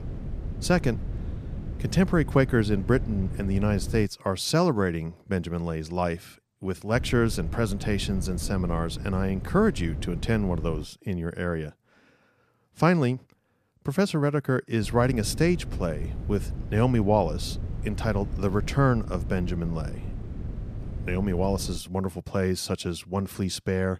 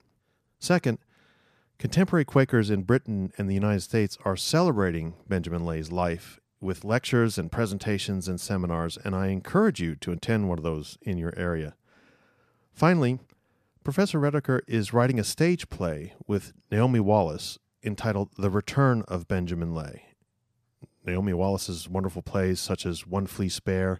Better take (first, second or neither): second